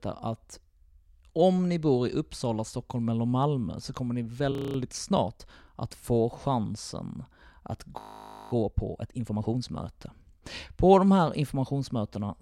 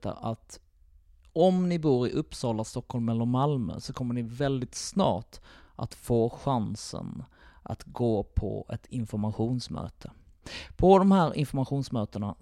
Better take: second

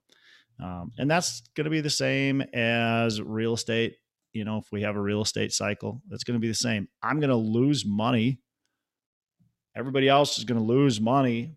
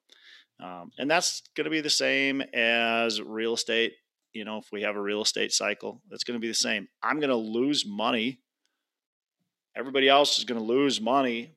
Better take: first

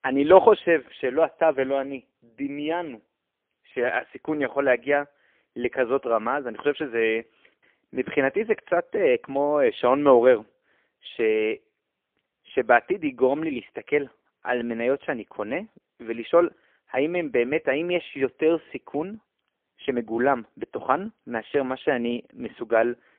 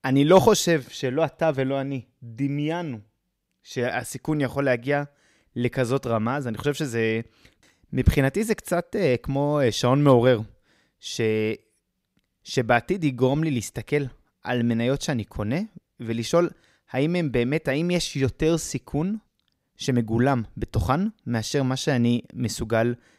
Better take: second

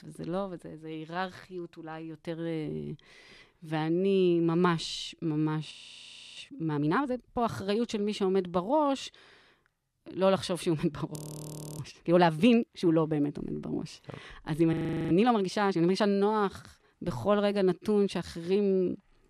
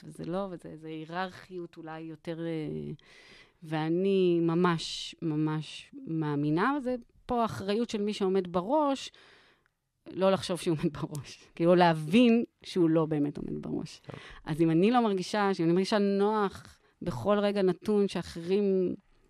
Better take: second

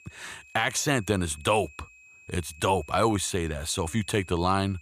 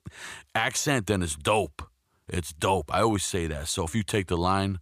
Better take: second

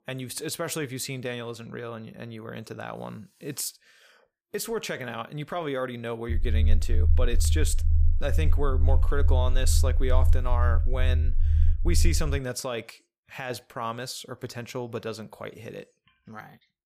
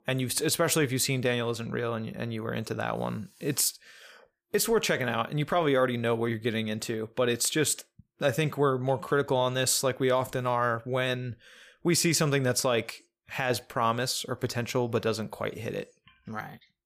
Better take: second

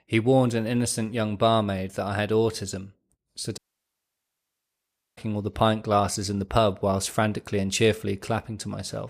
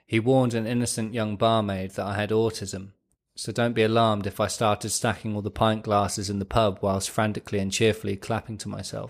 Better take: second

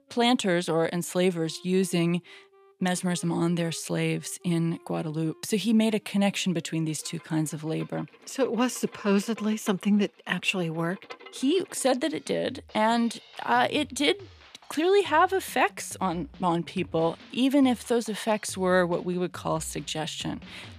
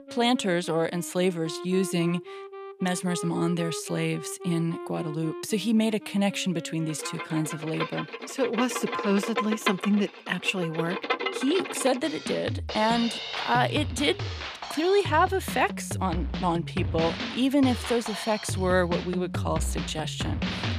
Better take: first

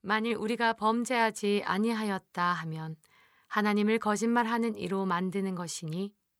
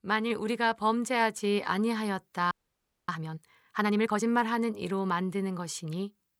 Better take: first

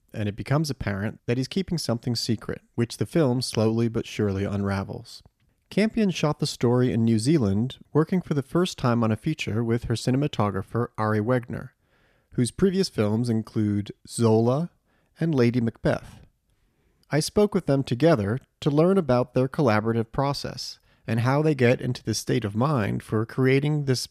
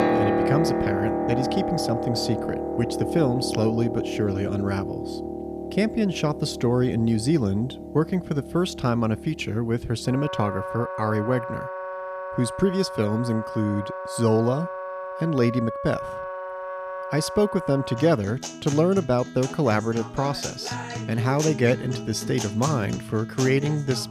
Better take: first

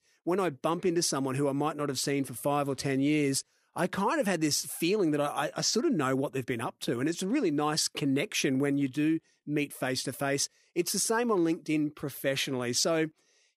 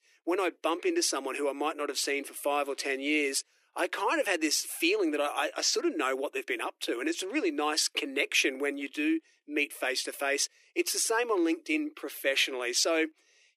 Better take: first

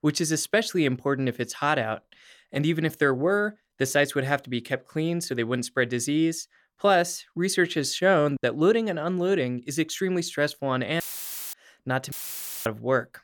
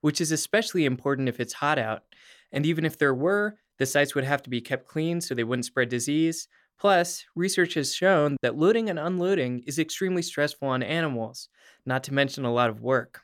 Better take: second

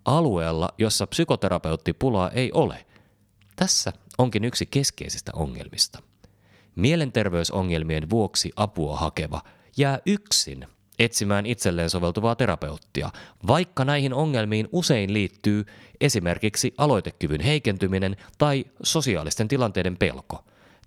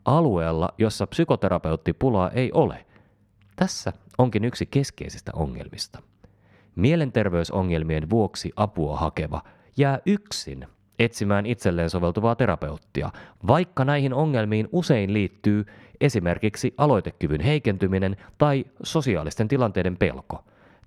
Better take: first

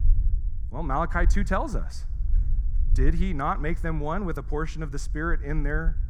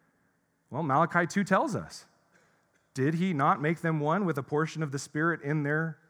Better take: second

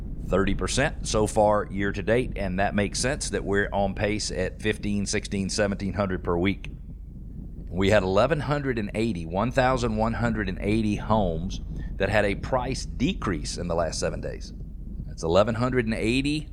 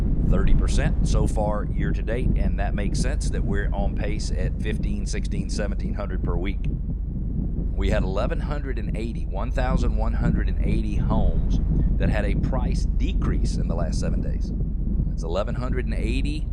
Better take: first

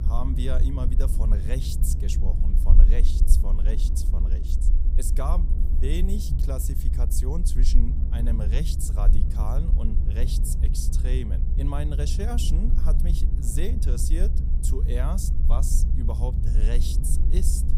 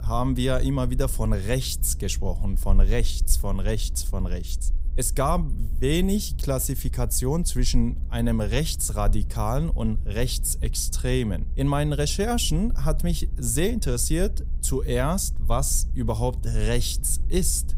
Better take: second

